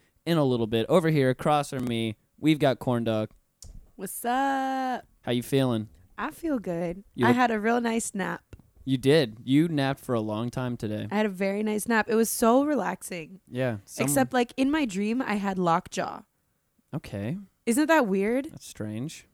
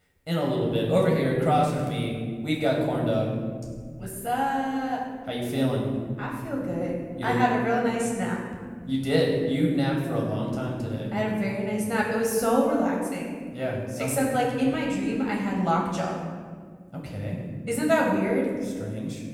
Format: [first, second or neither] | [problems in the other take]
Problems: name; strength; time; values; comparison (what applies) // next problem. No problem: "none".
first | off-mic speech; far // room echo; noticeable; dies away in 1.9 s